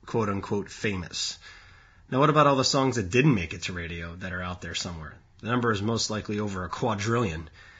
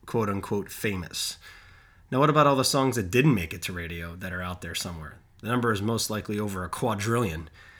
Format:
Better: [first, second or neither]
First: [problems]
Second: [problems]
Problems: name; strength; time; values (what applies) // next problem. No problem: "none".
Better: second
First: garbled, watery; badly; nothing above 7.5 kHz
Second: none